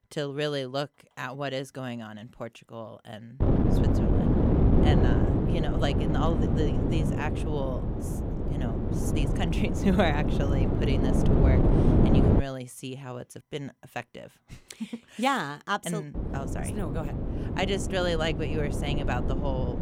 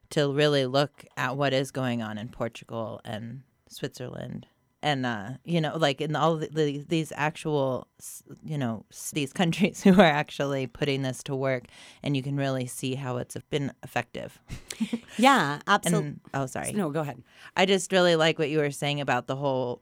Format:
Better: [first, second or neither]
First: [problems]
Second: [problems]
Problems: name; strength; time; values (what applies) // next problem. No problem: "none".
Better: second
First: wind noise on the microphone; heavy; from 3.5 to 12 s and from 16 s on; as loud as the speech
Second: none